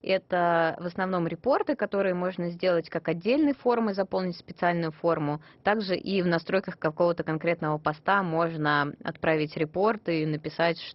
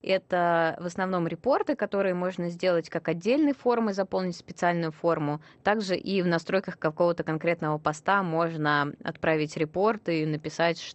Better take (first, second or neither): second